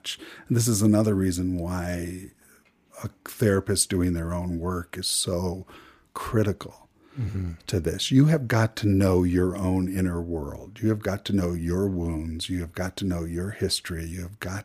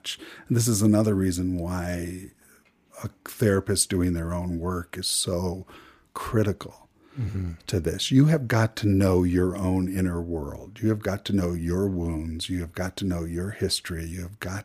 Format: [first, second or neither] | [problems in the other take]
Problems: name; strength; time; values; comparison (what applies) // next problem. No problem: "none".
neither | none